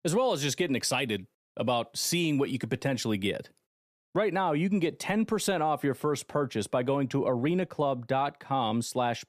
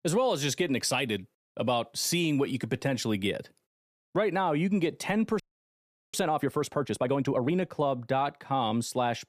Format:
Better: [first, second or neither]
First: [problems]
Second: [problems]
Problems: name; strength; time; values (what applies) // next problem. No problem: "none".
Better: first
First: none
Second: audio freezing; at 5.5 s for 0.5 s